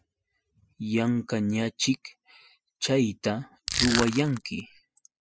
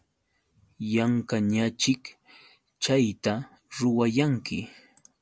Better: second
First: noise reduction (classical method spectral subtraction)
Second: none

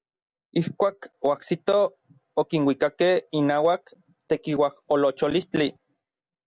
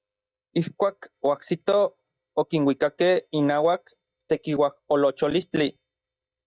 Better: first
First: none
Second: noise reduction (neural mask model DeepFilterNet 3)

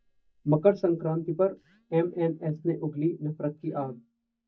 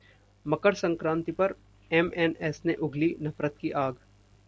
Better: second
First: noise reduction (neural mask model DeepFilterNet 3)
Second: none

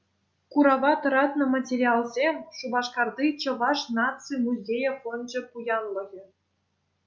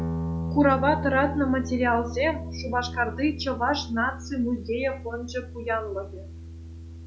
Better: first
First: none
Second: background sound (Guitar); 7 dB below the speech

